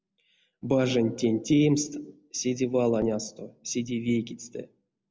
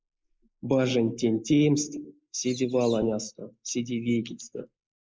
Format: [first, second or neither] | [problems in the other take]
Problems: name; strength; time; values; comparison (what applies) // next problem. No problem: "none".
first | noise reduction (neural mask model Resemble Enhance denoiser)